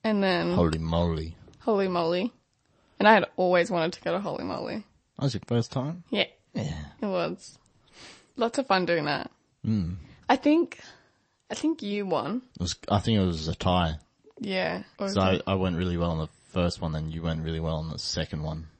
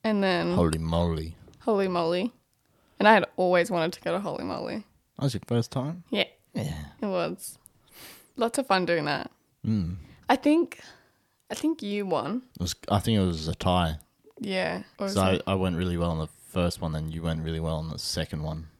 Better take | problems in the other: second | garbled, watery; slightly; nothing above 8 kHz

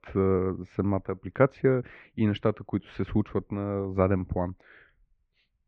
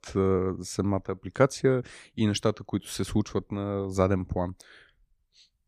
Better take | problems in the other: second | muffled; very; fading above 2.5 kHz

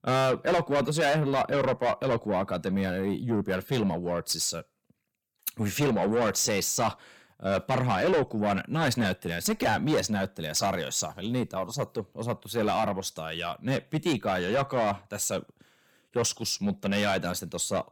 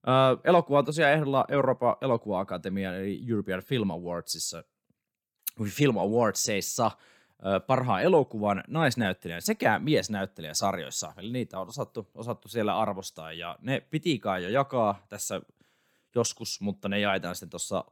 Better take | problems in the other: second | distortion; heavy; 6 dB below the speech

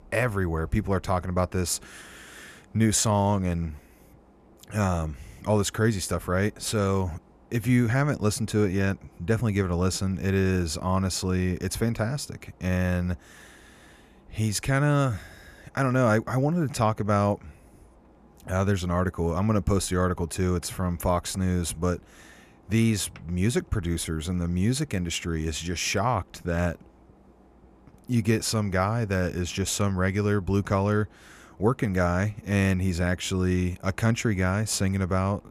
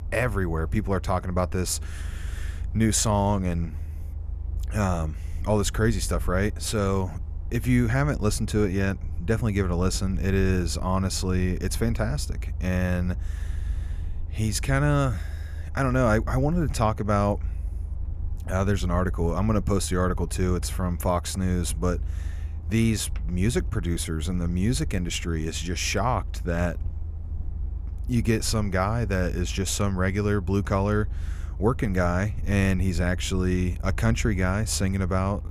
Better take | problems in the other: first | low rumble; faint; throughout; 25 dB below the speech

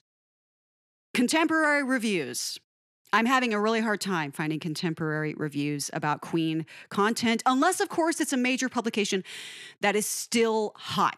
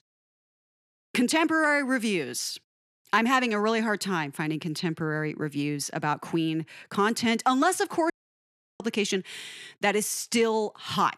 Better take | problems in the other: first | audio cutting out; at 8 s for 0.5 s

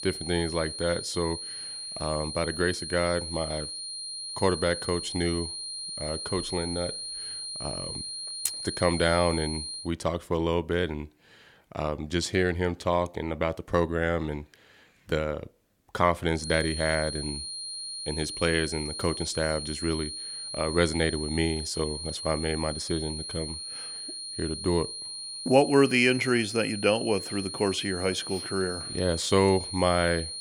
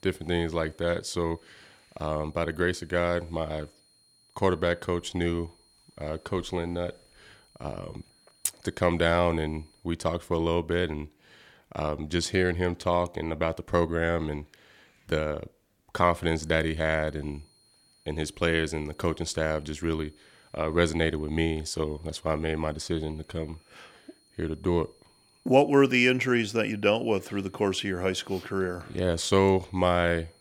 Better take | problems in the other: second | high-pitched whine; loud; until 10 s and from 16 s on; 4 kHz, 6 dB below the speech; faint in the second

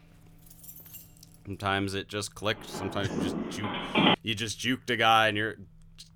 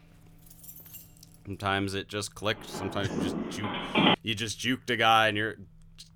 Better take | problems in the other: neither | jangling keys; faint; until 2 s; peak 15 dB below the speech; the same in both // phone ringing; loud; from 2.5 to 4 s; peak 5 dB above the speech; the same in both

